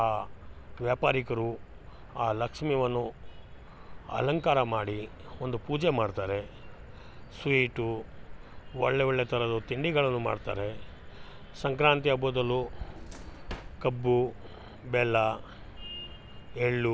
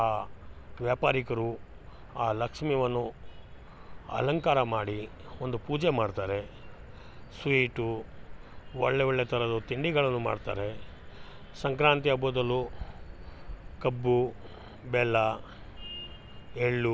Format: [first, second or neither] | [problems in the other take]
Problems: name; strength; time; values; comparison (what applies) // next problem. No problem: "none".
second | background sound (Drawer open or close); 18 dB below the speech